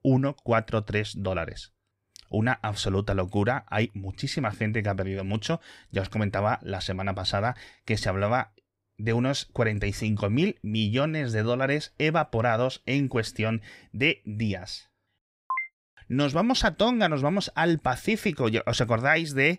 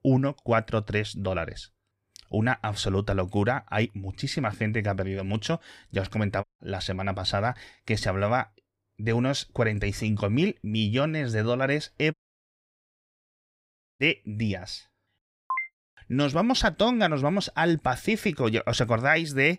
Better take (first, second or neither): first